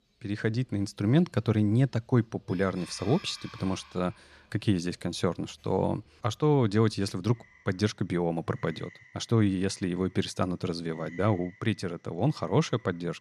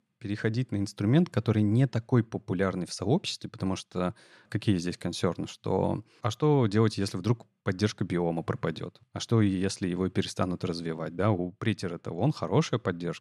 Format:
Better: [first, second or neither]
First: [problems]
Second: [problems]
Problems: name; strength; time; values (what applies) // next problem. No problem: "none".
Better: second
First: animal sounds; faint; throughout; 25 dB below the speech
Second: none